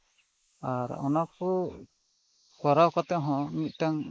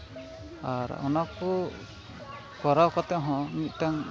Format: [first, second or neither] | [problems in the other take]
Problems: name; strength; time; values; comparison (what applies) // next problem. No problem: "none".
second | noise reduction (neural mask model Resemble Enhance denoiser)